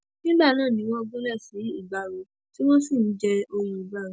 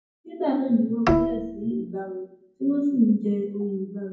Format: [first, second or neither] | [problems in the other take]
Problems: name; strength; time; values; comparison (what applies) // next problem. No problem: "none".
first | background sound (Bowed string instrument); 2 dB below the speech // room echo; dies away in 0.9 s